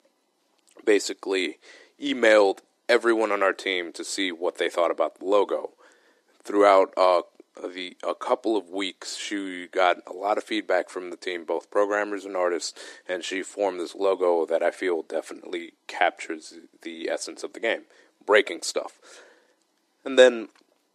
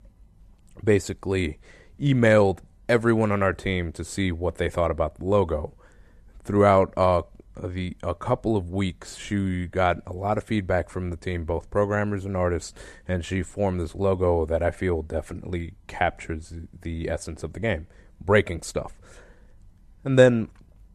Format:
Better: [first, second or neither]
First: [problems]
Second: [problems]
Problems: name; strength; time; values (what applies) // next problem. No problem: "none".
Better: second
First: thin; somewhat; fading below 300 Hz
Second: none